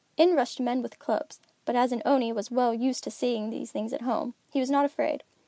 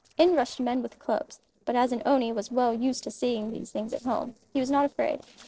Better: first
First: none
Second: noise reduction (neural separator model SepFormer DNS4)

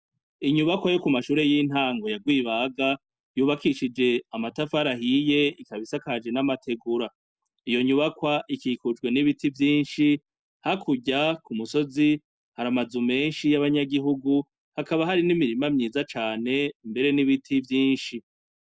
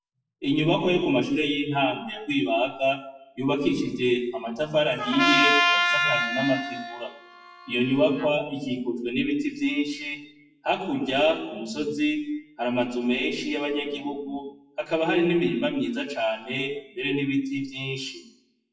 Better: first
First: none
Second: noise reduction (classical method WPE with log-MMSE)

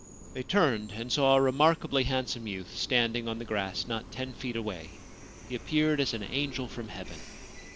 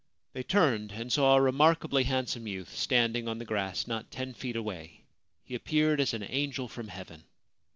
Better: second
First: background sound (Train); 15 dB below the speech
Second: none

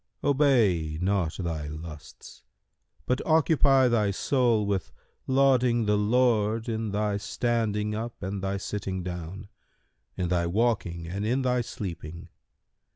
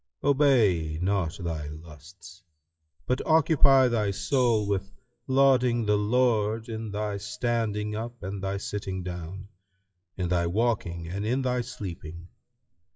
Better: first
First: none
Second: noise reduction (classical method WPE with log-MMSE)

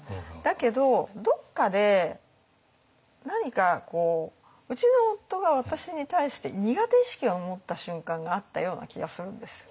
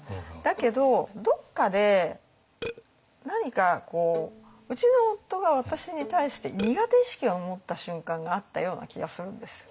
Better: first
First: none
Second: background sound (Burping, eructation + Bowed string instrument); 19 dB below the speech

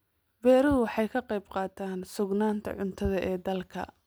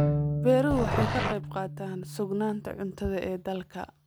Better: first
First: none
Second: background sound (Bowed string instrument + Growling); 2 dB below the speech

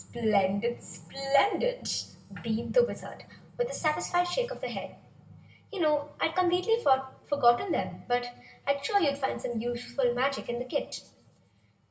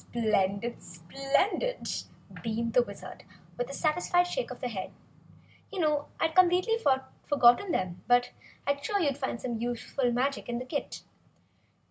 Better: second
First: room echo; dies away in 0.7 s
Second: none

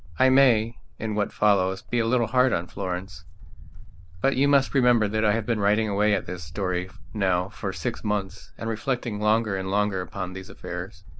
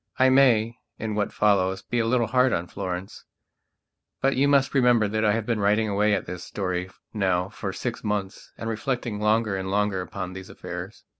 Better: second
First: background sound (Walk, footsteps); 11 dB below the speech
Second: none

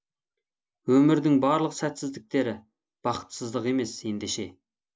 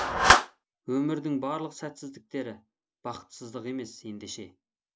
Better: first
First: none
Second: background sound (Clapping); 4 dB above the speech

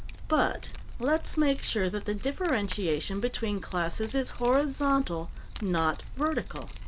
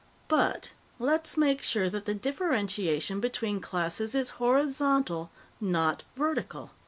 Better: second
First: background sound (Keys jangling); 7 dB below the speech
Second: none

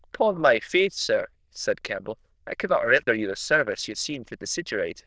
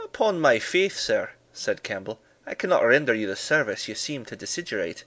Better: second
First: noise reduction (neural diffusion model UNIVERSE++)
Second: none

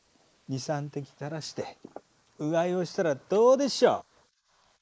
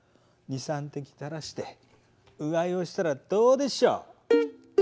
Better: second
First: noise reduction (neural mask model Resemble Enhance denoiser)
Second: none

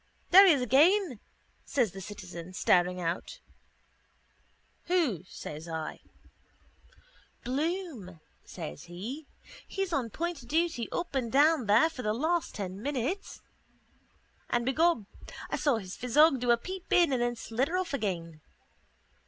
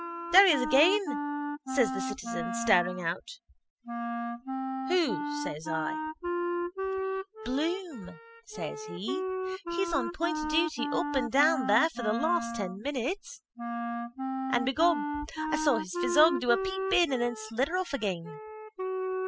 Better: first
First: none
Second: noise reduction (classical method spectral subtraction)

